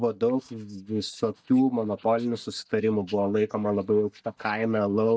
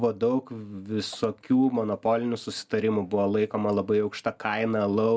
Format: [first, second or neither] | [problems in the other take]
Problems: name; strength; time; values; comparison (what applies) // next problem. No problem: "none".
second | noise reduction (neural mask model DeepFilterNet 3)